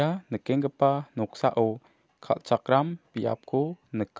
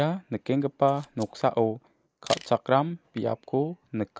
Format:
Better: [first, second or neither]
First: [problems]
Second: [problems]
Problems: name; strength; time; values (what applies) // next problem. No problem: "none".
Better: first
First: none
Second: noise reduction (neural mask model Resemble Enhance denoiser)